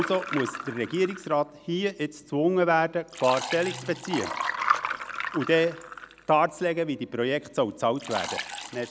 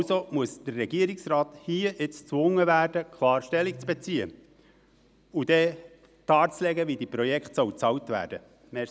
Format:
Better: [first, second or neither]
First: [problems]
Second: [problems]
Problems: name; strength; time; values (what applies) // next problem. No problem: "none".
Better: second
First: background sound (Liquid); 8 dB below the speech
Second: none